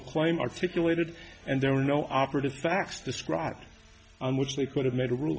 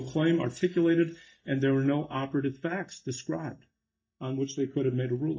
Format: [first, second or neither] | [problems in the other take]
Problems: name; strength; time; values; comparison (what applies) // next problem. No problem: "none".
first | noise reduction (neural mask model DeepFilterNet 3)